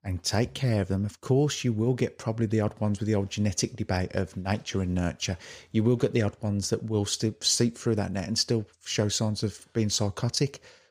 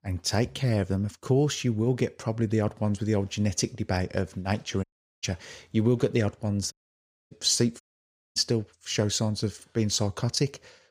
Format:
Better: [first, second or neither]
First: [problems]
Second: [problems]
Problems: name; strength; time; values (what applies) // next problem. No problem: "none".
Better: first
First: none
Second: audio cutting out; at 5 s, at 6.5 s for 0.5 s and at 8 s for 0.5 s